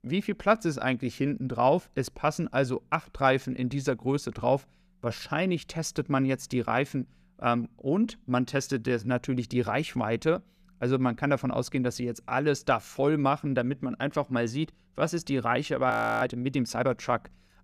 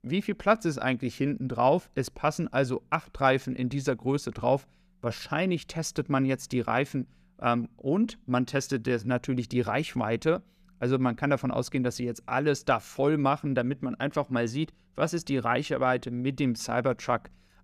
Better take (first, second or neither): second